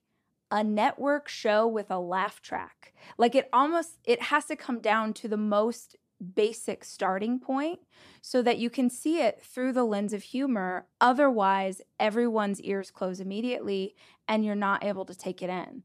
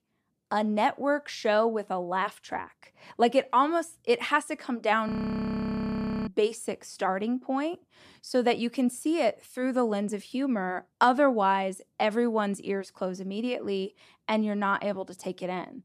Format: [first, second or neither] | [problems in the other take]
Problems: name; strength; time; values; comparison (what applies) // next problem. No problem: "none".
first | audio freezing; at 5 s for 1 s